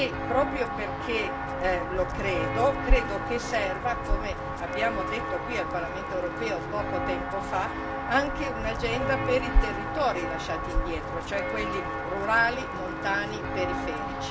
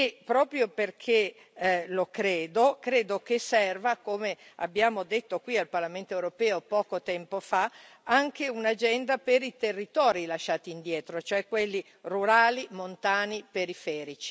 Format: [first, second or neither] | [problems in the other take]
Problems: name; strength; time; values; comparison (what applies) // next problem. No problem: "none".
second | background sound (Walk, footsteps); 1 dB above the speech // room echo; dies away in 0.2 s